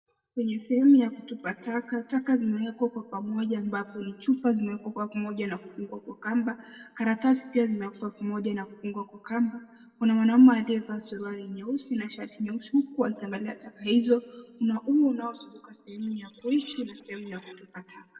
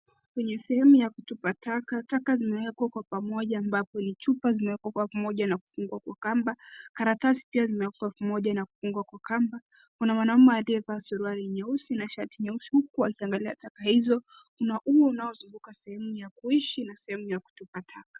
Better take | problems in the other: second | noise reduction (neural separator model SepFormer DNS4)

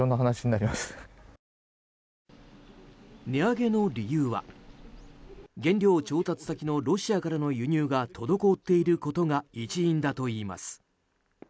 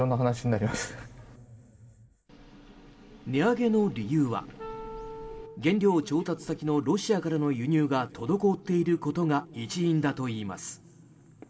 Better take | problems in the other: first | background sound (Wind instrument, woodwind instrument); 14 dB below the speech // room echo; dies away in 3 s

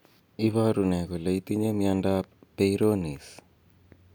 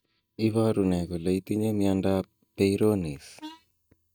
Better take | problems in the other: first | noise reduction (neural mask model DeepFilterNet 3)

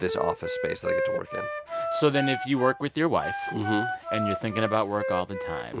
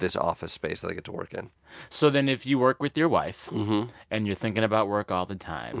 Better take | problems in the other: second | background sound (Wind instrument, woodwind instrument); 3 dB below the speech

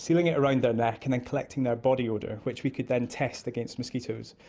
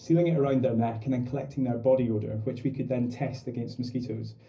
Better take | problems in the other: first | room echo; dies away in 0.4 s

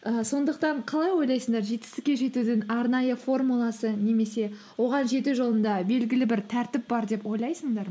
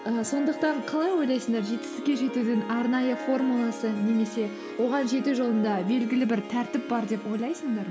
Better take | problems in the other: first | background sound (Harp); 11 dB below the speech

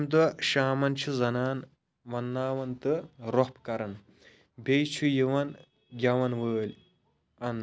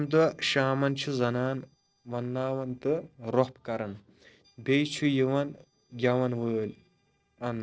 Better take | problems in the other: first | noise reduction (neural separator model SepFormer DNS4)

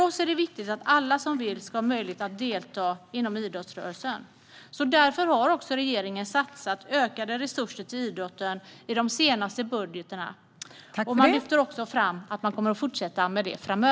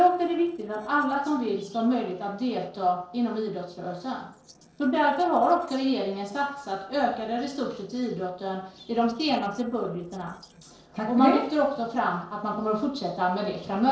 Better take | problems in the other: first | noise reduction (neural separator model SepFormer DNS4)

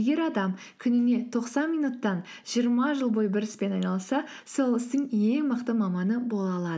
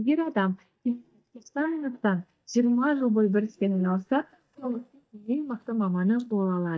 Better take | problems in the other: first | noise reduction (neural mask model DeepFilterNet 3)

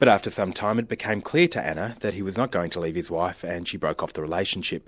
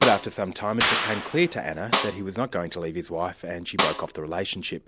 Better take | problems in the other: first | background sound (Clapping + Snare drum); 2 dB below the speech

